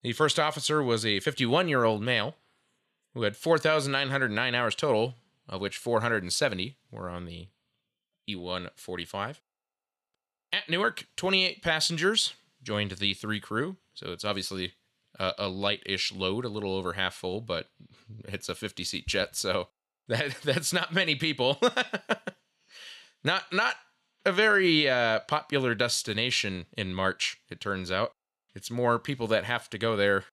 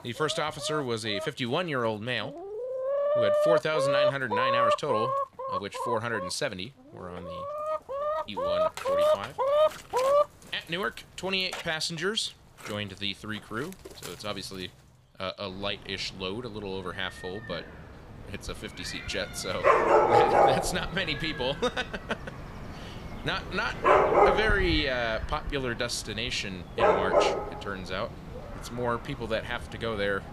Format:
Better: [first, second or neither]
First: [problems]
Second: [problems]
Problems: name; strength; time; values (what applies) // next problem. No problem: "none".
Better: first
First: none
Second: animal sounds; very loud; throughout; 5 dB above the speech